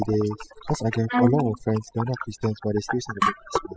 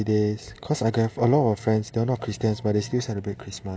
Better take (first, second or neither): second